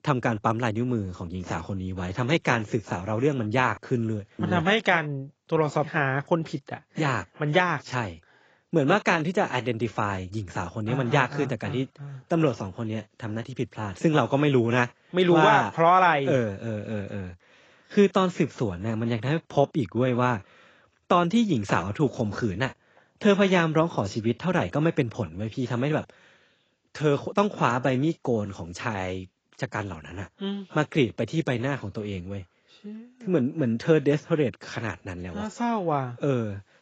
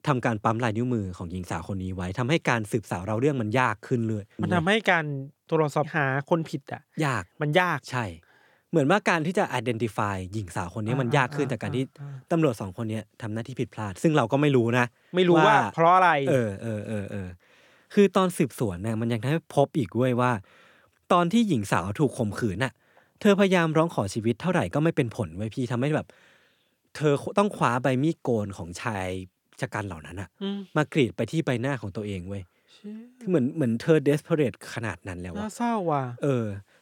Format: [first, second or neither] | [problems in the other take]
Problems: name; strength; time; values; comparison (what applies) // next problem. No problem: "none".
second | garbled, watery; badly; nothing above 7.5 kHz